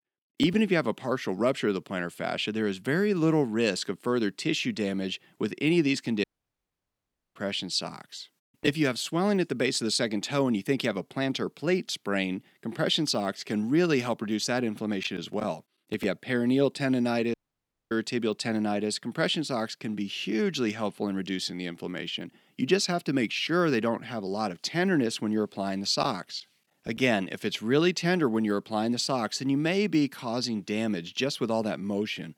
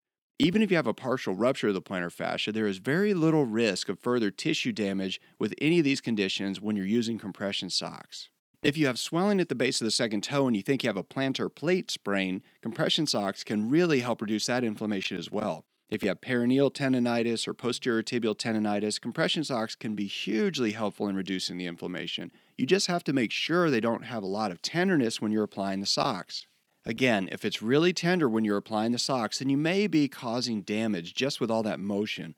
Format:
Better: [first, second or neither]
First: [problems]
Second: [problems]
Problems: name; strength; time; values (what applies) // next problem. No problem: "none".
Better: second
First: audio cutting out; at 6 s for 1 s and at 17 s for 0.5 s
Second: none